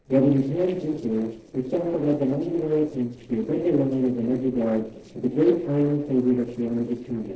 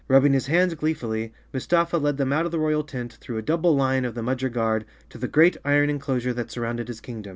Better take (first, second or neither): second